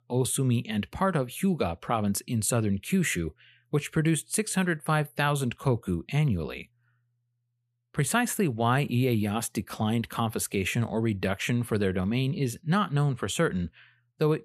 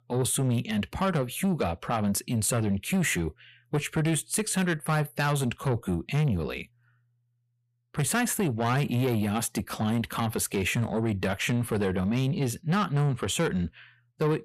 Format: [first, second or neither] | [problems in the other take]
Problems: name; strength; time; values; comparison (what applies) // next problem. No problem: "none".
first | distortion; slight; 10 dB below the speech